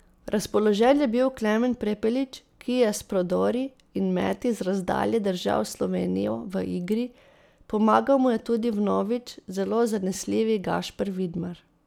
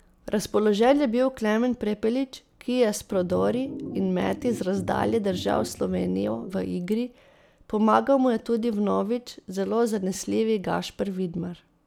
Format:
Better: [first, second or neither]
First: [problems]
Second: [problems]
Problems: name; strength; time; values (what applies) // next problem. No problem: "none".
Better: first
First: none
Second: background sound (Organ); 12 dB below the speech